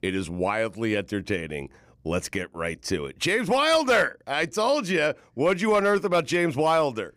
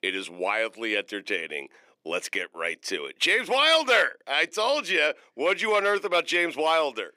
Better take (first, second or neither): first